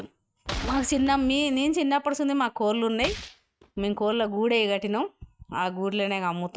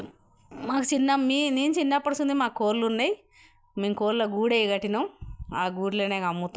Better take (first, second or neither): second